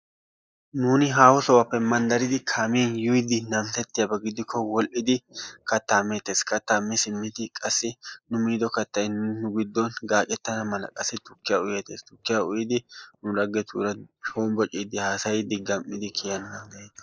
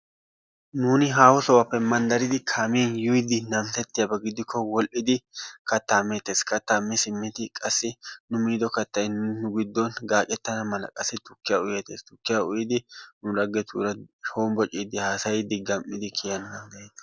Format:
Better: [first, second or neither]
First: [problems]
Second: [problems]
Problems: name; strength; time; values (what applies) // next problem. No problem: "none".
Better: second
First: noise reduction (neural mask model Resemble Enhance denoiser)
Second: none